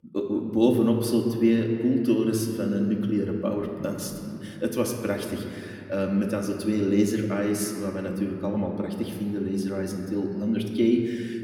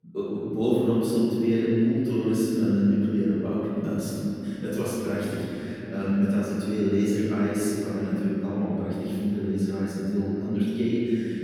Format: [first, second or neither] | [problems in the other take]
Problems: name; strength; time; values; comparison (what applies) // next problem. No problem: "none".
first | room echo; strong; dies away in 3 s; slight in the first // off-mic speech; far; somewhat distant in the first